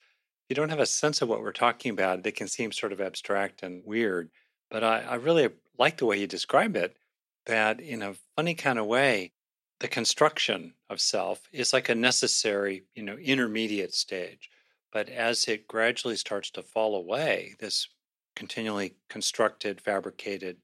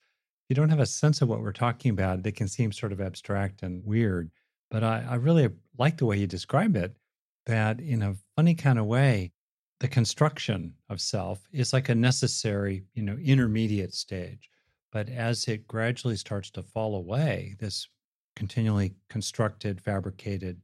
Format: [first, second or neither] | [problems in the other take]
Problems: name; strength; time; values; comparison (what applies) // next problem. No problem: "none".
second | thin; very; fading below 300 Hz